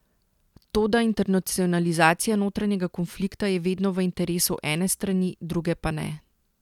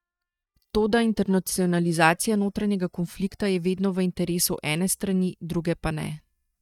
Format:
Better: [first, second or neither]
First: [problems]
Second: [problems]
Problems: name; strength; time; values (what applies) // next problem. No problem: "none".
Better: first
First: none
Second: noise reduction (neural mask model DeepFilterNet 3)